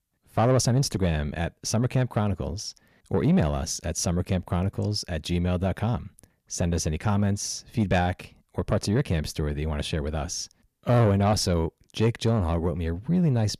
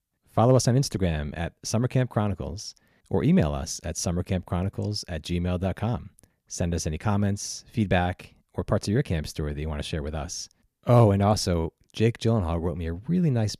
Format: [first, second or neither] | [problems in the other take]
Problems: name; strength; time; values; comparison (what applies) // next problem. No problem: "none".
second | distortion; slight; 10 dB below the speech